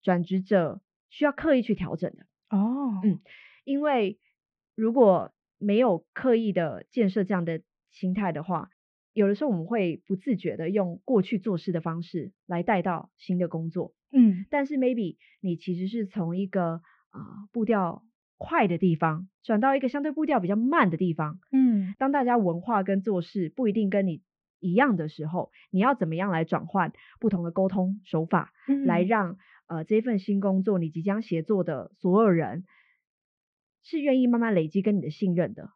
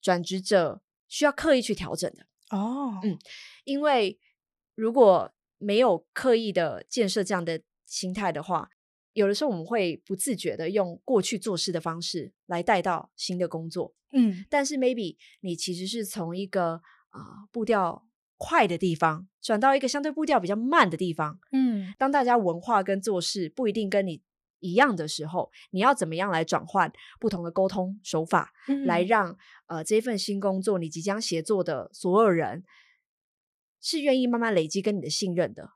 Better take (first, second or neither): second